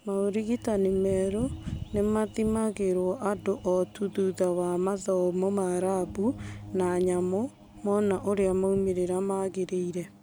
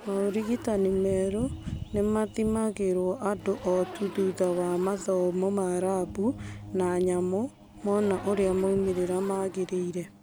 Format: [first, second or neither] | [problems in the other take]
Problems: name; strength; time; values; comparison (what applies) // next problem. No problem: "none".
first | background sound (Zipper (clothing)); 19 dB below the speech